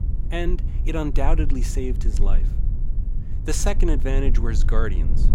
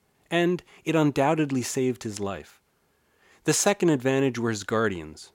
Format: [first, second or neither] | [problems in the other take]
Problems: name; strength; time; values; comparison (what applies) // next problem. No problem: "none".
second | low rumble; noticeable; throughout; 15 dB below the speech